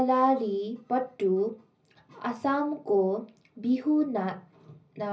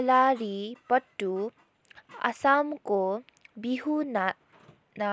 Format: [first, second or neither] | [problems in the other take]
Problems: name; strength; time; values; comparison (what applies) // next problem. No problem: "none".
second | room echo; dies away in 0.5 s